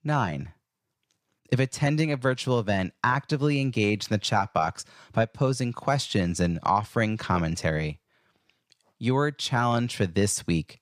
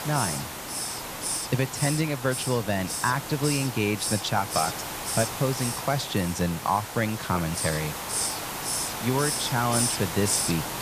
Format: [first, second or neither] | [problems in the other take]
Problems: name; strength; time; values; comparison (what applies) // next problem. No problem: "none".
first | hiss; loud; throughout; 2 dB below the speech